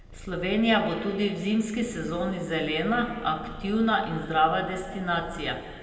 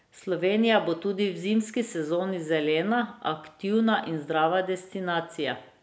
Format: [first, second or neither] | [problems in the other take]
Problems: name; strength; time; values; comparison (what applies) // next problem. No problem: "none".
second | background sound (Purr); 18 dB below the speech // room echo; dies away in 2.2 s